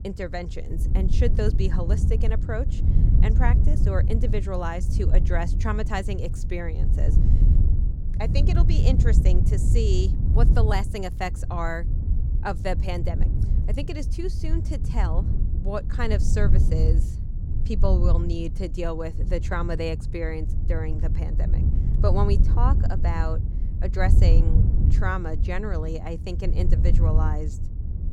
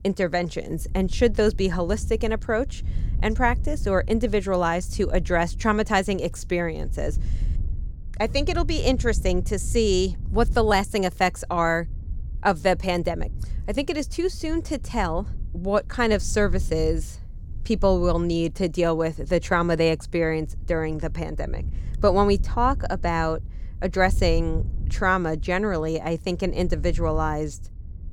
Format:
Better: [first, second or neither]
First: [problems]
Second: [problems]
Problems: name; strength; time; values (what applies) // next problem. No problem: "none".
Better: second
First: wind noise on the microphone; heavy; 7 dB below the speech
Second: wind noise on the microphone; occasional gusts; 25 dB below the speech